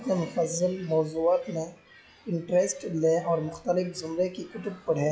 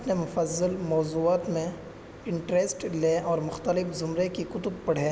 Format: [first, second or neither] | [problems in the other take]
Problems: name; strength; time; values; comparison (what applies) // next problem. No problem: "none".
second | noise reduction (classical method log-MMSE)